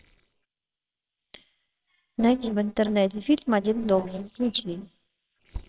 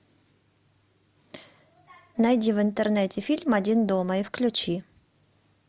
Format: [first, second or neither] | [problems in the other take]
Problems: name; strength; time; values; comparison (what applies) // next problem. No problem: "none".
second | noise reduction (neural separator model SepFormer WHAMR!)